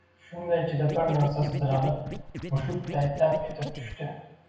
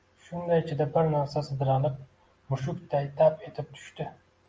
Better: second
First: background sound (Scratching (performance technique)); 10 dB below the speech // room echo; dies away in 0.9 s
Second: none

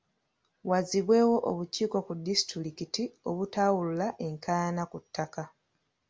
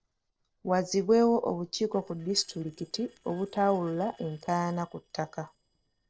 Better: first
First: none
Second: noise reduction (neural separator model SepFormer DNS4)

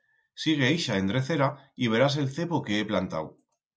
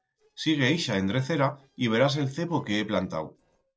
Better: first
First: none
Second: noise reduction (neural separator model SepFormer DNS4)

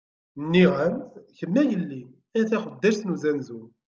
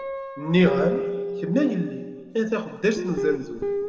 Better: first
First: none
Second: background sound (Guitar); 5 dB below the speech // room echo; dies away in 1.6 s

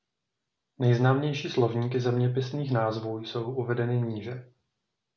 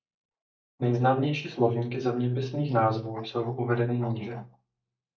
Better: first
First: none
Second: noise reduction (neural mask model DeepFilterNet 3)

